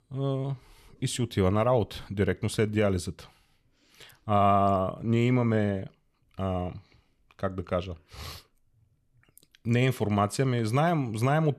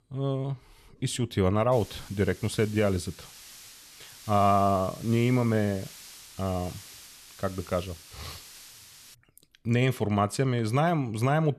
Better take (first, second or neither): first